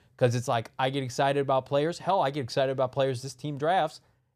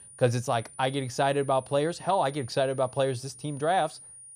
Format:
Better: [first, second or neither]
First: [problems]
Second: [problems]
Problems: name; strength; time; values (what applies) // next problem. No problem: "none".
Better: first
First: none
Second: high-pitched whine; noticeable; throughout; 9.5 kHz, 20 dB below the speech